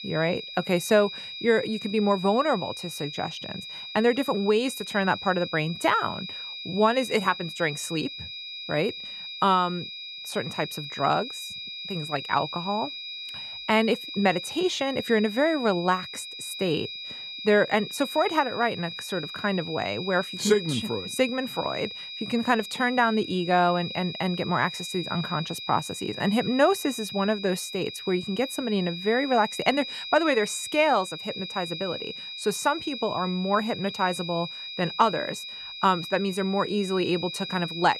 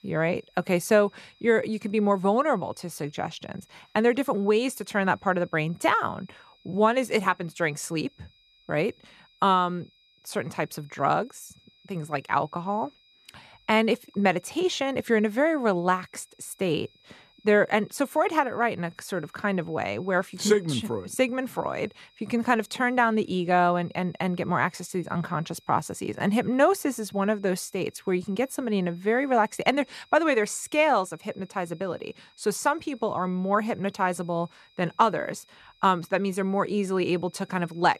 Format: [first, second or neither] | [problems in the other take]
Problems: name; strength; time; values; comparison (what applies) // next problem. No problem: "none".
second | high-pitched whine; loud; throughout; 4 kHz, 9 dB below the speech; faint in the second